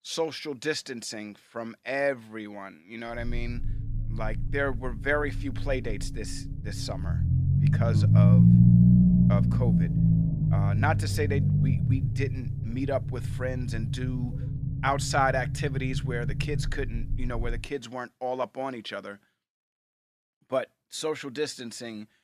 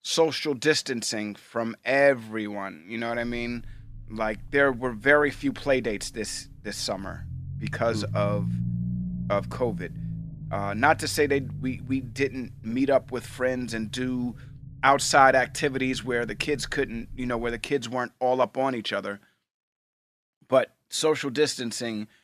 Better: second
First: low rumble; loud; from 3 to 18 s; 3 dB below the speech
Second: low rumble; faint; from 3 to 18 s; 20 dB below the speech

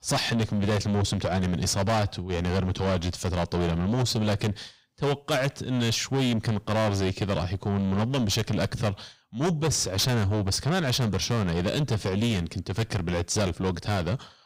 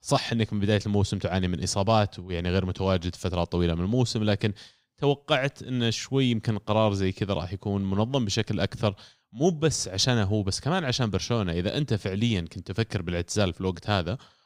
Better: second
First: distortion; heavy; 6 dB below the speech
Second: none

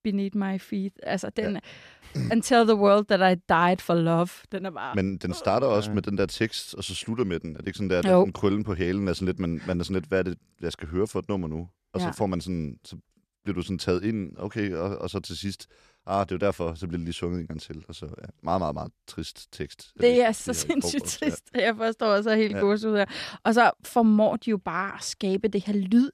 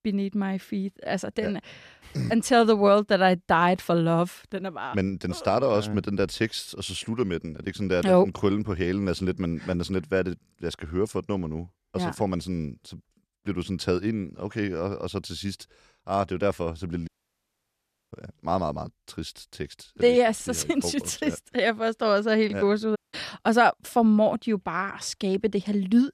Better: first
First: none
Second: audio cutting out; at 17 s for 1 s and at 23 s

